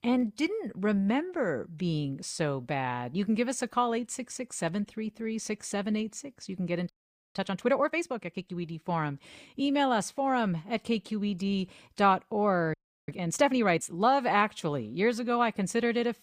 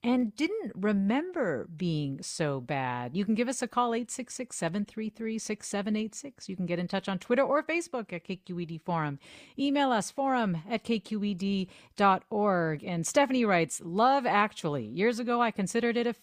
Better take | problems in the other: second | audio freezing; at 7 s and at 13 s

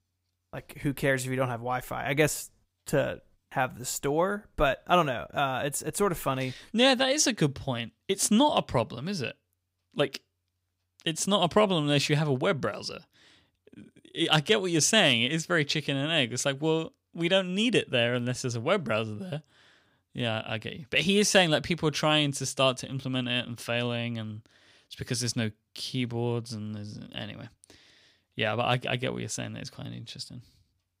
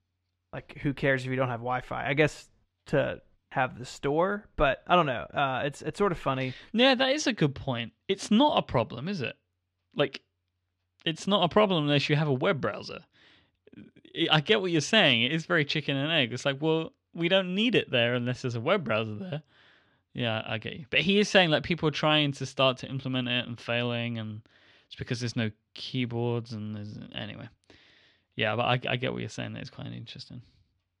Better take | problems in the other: first | muffled; slightly; fading above 3 kHz

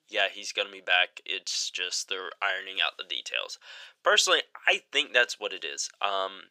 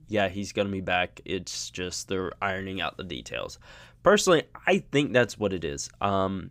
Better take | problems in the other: second | thin; very; fading below 500 Hz

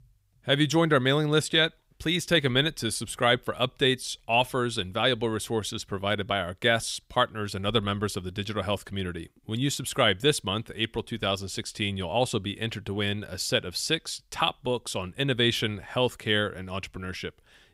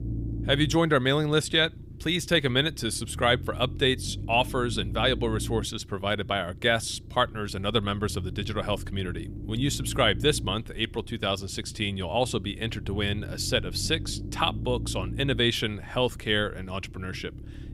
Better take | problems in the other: first | low rumble; faint; throughout; 20 dB below the speech

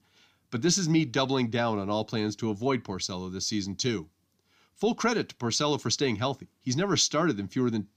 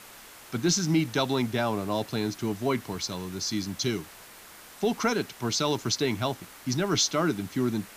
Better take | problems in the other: first | hiss; noticeable; throughout; 20 dB below the speech

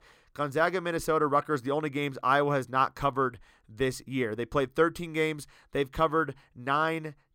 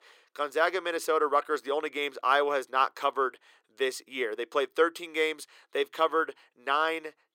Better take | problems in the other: first | thin; somewhat; fading below 400 Hz

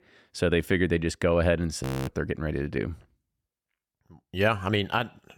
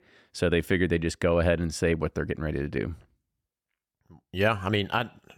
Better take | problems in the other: second | audio freezing; at 2 s

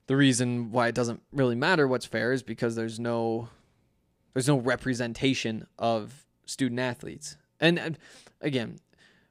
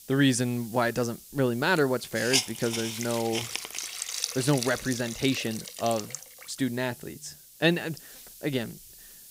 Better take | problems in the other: first | hiss; loud; throughout; 5 dB below the speech

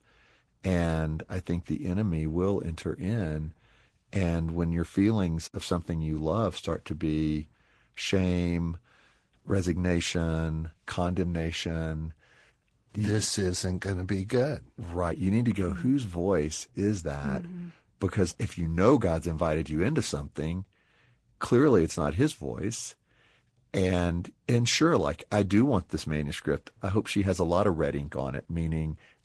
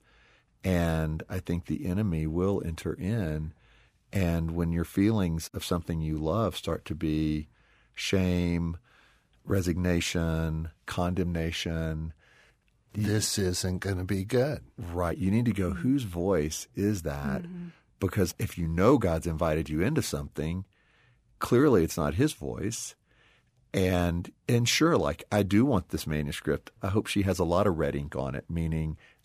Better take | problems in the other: second | garbled, watery; slightly

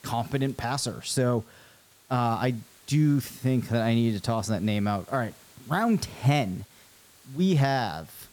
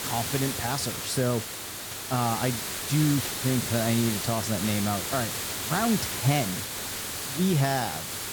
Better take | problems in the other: first | hiss; loud; throughout; 3 dB below the speech; faint in the first

